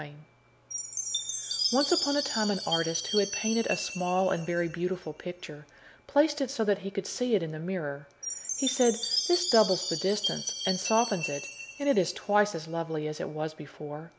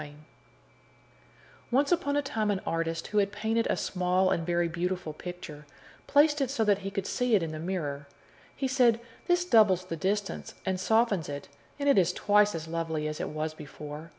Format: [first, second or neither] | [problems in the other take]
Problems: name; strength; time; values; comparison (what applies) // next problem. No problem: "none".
second | background sound (Chime); 6 dB below the speech